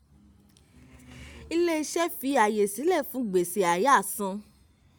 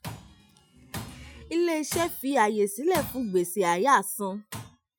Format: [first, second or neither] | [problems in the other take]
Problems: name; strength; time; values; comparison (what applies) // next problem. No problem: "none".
first | noise reduction (classical method Wiener filter)